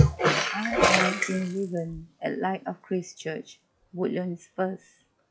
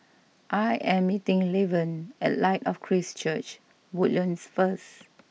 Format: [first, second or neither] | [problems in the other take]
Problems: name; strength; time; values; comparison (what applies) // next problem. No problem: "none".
second | noise reduction (classical method log-MMSE)